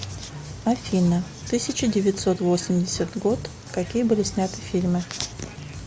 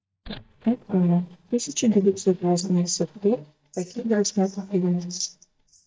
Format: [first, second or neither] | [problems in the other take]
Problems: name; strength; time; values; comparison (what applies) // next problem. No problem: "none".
first | noise reduction (neural mask model DeepFilterNet 3)